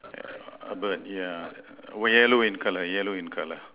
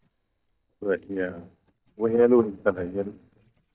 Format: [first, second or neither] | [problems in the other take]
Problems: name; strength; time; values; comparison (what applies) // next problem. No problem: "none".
first | noise reduction (neural mask model DeepFilterNet 3)